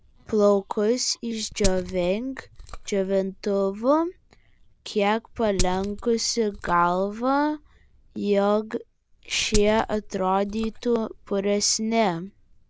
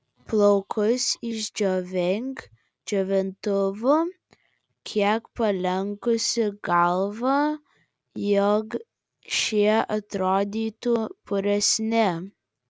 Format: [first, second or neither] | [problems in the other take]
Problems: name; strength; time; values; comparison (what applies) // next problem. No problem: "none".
second | background sound (Glass); 10 dB below the speech